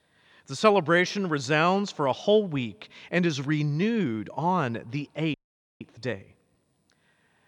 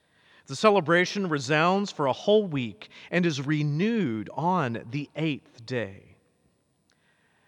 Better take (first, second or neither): second